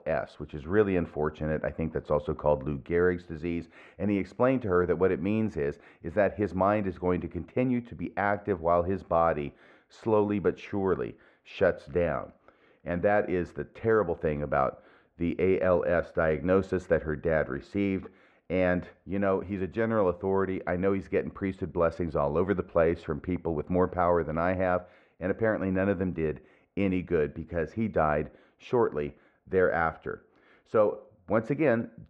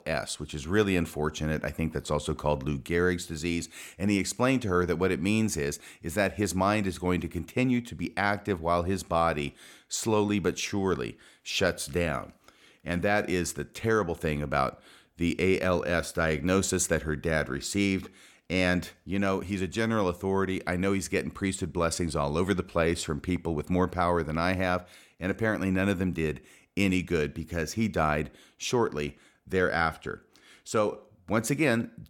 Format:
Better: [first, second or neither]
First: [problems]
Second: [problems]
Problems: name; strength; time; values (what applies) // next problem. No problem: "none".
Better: second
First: muffled; very; fading above 1.5 kHz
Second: none